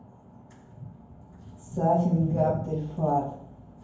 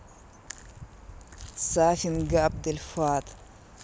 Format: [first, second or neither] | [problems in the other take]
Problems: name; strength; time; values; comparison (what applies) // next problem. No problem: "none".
second | room echo; dies away in 0.9 s